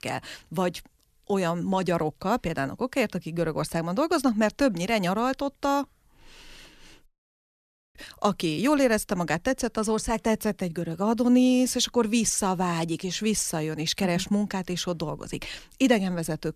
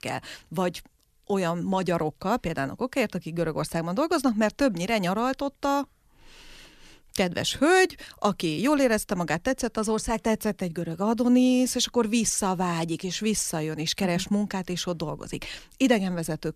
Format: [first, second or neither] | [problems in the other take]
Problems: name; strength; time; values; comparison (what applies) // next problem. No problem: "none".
second | audio cutting out; at 7 s for 1 s